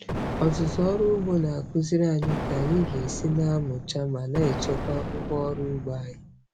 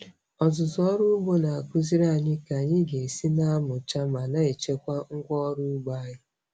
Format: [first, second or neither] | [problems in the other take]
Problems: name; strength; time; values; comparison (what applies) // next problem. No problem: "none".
second | background sound (Explosion); 6 dB below the speech